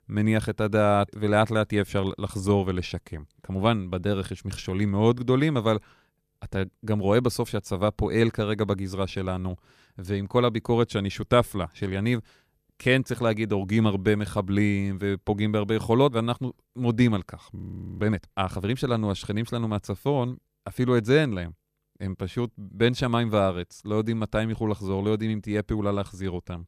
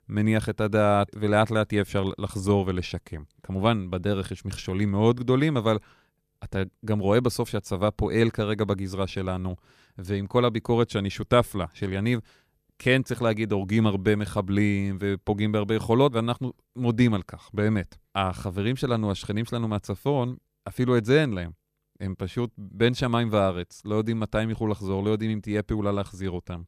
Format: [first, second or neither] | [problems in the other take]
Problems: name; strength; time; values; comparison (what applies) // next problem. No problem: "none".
second | audio freezing; at 18 s